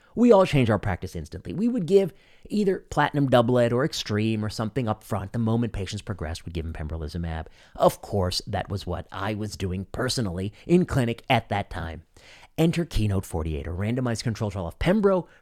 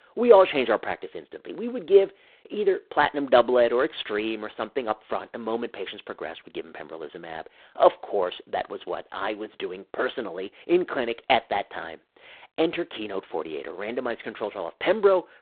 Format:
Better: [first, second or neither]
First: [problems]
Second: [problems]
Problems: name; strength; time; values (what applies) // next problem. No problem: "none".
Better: first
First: none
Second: phone-call audio; poor line; nothing above 3.5 kHz